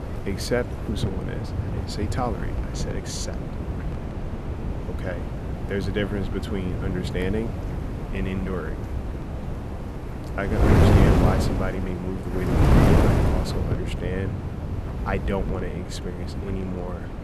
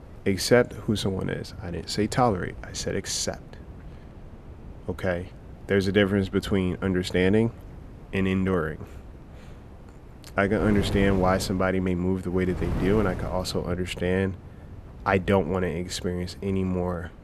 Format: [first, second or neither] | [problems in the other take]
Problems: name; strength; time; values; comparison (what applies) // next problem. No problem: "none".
second | wind noise on the microphone; heavy; as loud as the speech; occasional gusts in the second